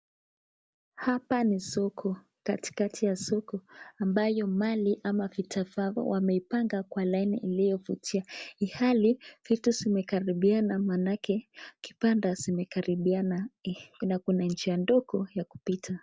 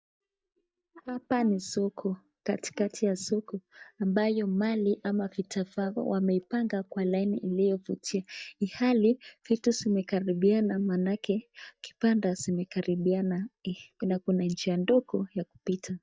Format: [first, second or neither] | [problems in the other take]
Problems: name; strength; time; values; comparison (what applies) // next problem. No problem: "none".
first | noise reduction (neural mask model DeepFilterNet 3)